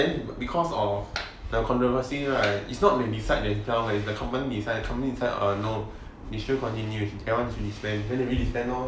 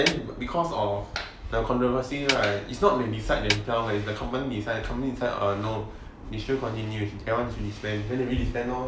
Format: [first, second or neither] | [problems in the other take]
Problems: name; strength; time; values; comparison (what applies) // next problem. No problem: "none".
first | background sound (Snare drum); 6 dB below the speech